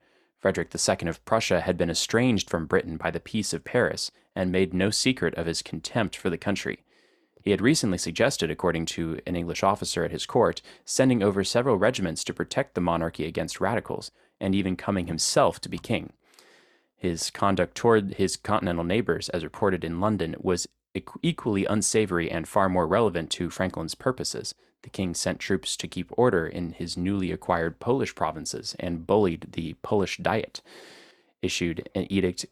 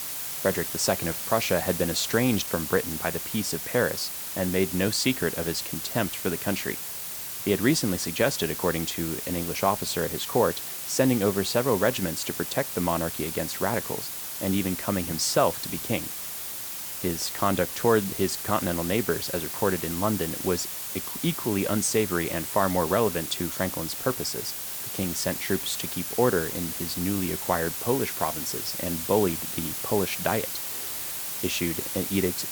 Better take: first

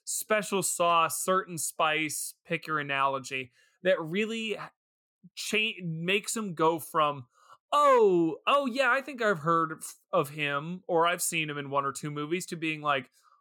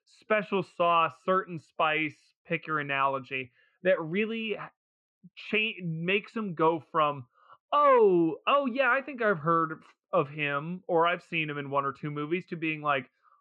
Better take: first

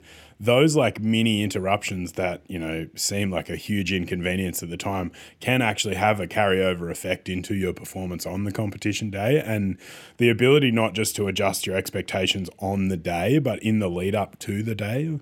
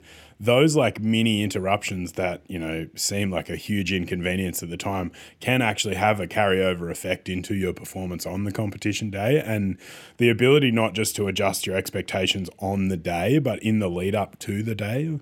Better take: neither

